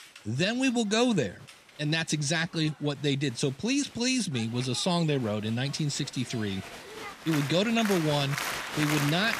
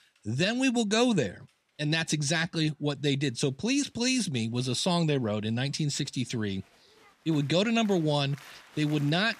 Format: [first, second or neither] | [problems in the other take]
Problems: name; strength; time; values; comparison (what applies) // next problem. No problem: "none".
second | crowd noise; loud; throughout; 8 dB below the speech; faint in the second